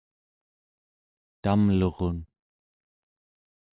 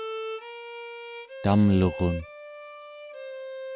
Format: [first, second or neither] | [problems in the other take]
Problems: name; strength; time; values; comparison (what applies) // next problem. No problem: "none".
first | background sound (Bowed string instrument); 10 dB below the speech